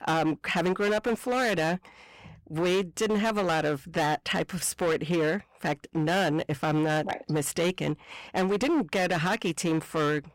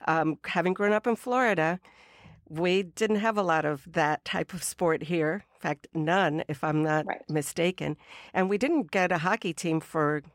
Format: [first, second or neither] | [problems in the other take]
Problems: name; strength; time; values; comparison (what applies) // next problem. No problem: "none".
second | distortion; heavy; 16% of the sound clipped